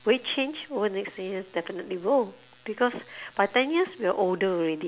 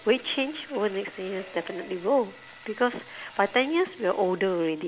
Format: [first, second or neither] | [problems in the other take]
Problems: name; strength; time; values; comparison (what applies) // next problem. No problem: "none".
first | background sound (Sawing); 20 dB below the speech